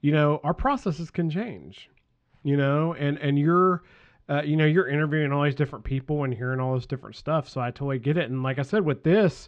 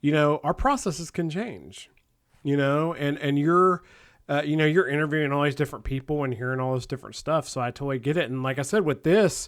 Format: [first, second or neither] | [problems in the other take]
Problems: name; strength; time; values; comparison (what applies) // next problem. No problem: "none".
second | muffled; slightly; fading above 4 kHz